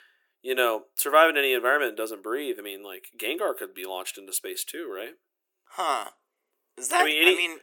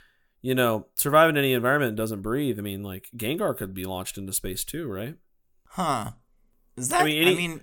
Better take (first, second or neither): second